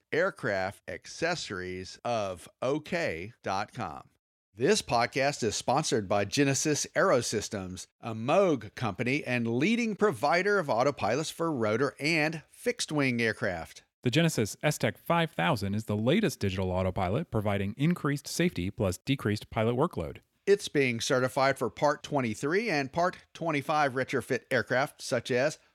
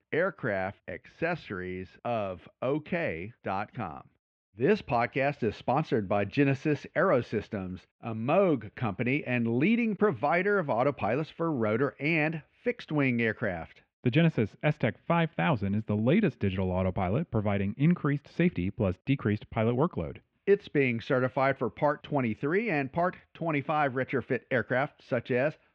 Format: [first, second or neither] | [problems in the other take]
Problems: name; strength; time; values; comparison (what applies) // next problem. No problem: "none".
first | muffled; very; fading above 2.5 kHz